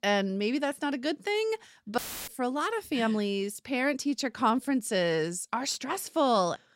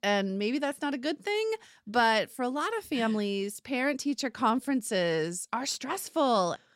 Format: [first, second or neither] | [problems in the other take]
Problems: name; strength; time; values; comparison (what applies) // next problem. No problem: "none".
second | audio cutting out; filled with static; at 2 s